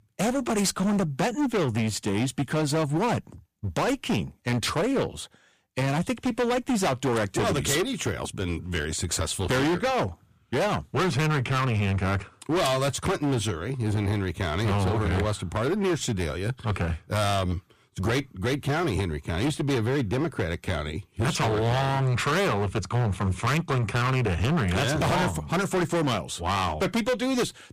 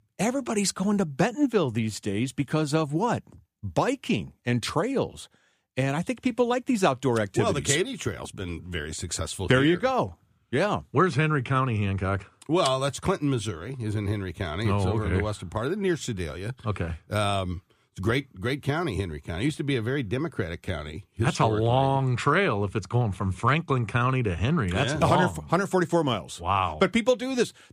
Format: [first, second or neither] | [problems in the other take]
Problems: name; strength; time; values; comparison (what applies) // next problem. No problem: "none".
second | distortion; heavy; 23% of the sound clipped